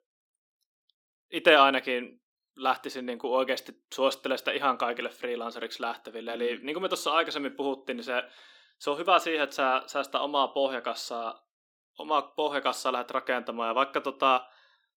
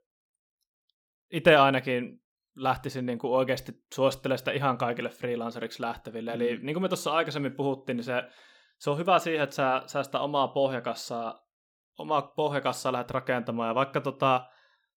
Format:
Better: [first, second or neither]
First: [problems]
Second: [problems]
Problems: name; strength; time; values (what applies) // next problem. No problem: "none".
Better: second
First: thin; very slightly; fading below 300 Hz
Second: none